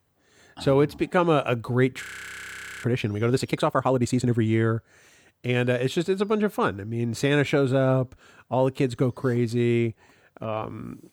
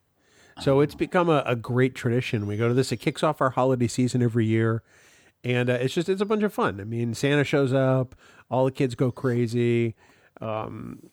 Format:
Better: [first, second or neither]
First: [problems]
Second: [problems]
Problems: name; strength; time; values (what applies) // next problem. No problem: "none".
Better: second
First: audio freezing; at 2 s for 1 s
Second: none